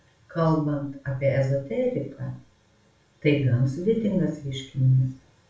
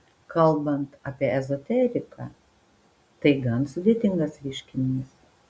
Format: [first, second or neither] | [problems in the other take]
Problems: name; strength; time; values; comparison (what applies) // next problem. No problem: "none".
second | room echo; dies away in 0.3 s